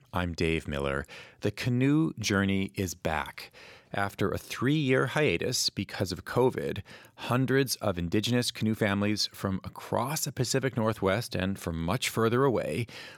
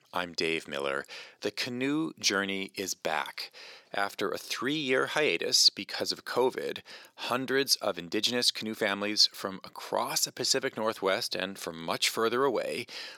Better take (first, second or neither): first